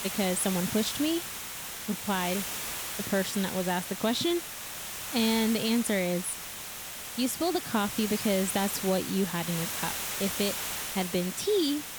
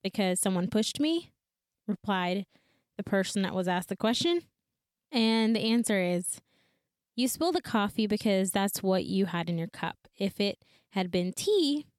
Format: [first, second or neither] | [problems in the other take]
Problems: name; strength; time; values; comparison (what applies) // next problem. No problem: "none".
second | hiss; loud; throughout; 4 dB below the speech